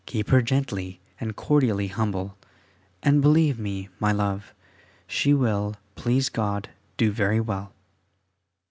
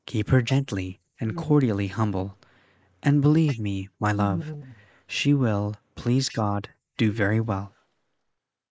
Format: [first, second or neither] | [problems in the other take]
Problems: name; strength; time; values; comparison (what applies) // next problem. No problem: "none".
first | noise reduction (neural mask model Resemble Enhance denoiser)